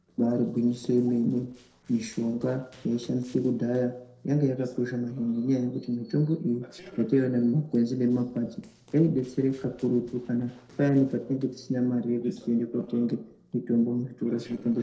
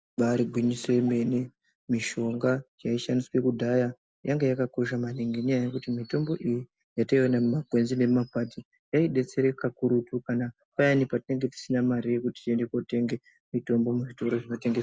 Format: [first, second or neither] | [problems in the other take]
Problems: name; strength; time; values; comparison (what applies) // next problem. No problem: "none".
second | noise reduction (neural separator model SepFormer DNS4)